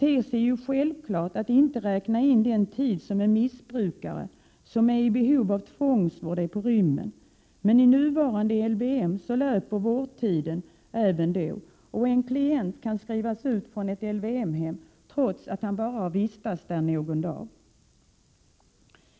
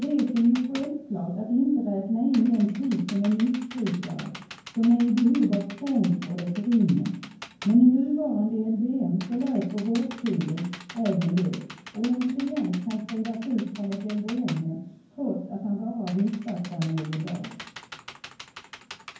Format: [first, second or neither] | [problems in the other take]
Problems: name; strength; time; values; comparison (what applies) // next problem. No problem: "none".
first | background sound (Computer keyboard); 20 dB below the speech // room echo; dies away in 0.9 s